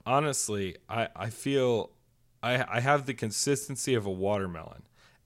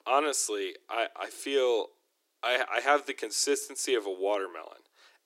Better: first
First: none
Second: thin; somewhat; fading below 300 Hz

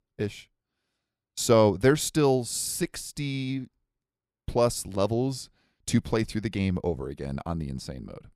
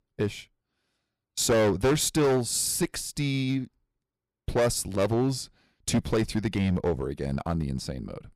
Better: first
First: none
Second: distortion; heavy; 6% of the sound clipped

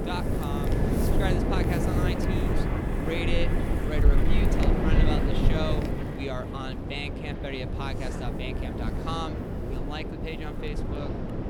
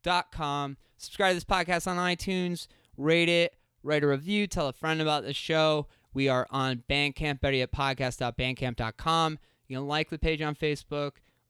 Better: second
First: wind noise on the microphone; heavy; 1 dB above the speech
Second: none

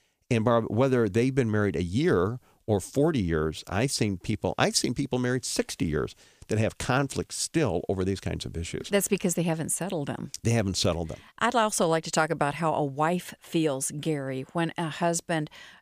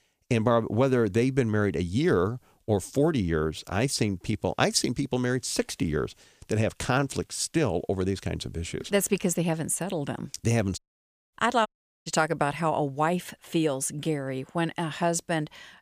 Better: first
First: none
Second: audio cutting out; at 11 s for 0.5 s and at 12 s

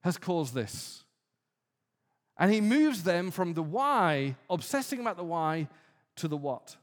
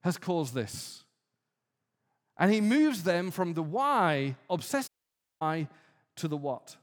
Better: first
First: none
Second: audio cutting out; at 5 s for 0.5 s

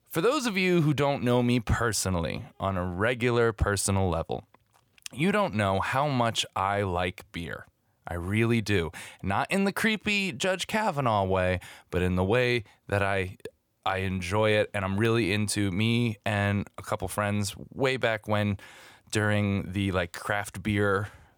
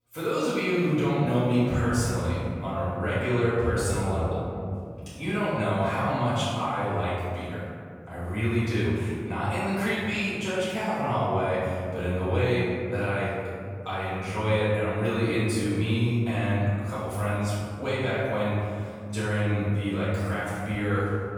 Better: first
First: none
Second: off-mic speech; far // room echo; strong; dies away in 2.5 s

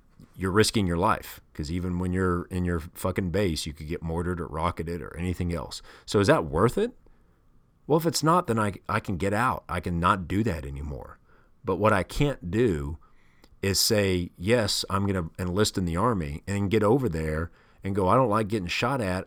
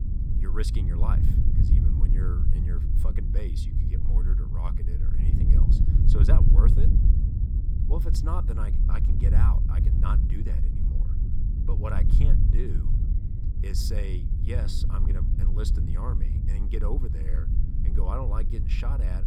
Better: first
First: none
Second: wind noise on the microphone; heavy; 2 dB below the speech

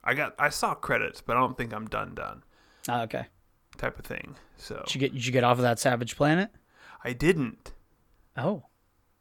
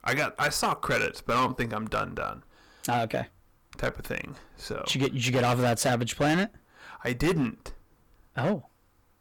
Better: first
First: none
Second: distortion; heavy; 8% of the sound clipped

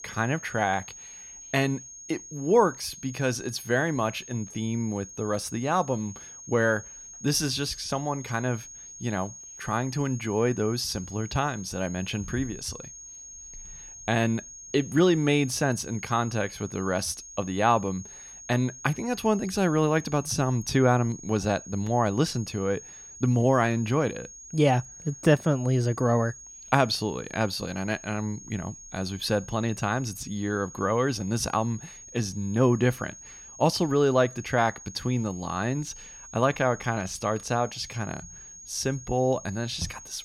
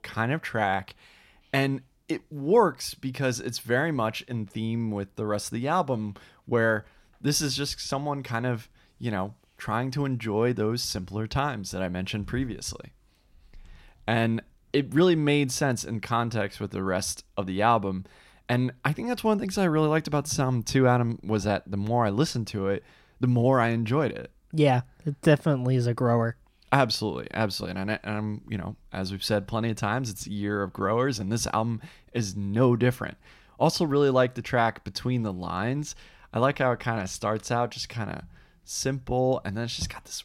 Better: second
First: high-pitched whine; noticeable; throughout; 6.5 kHz, 15 dB below the speech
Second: none

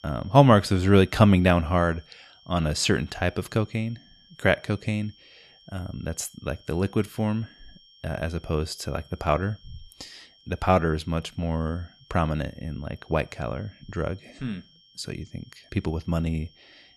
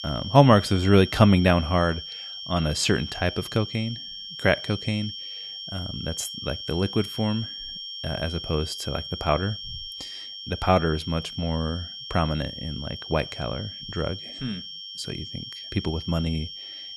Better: first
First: high-pitched whine; faint; throughout; 3 kHz, 30 dB below the speech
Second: high-pitched whine; loud; throughout; 3 kHz, 9 dB below the speech

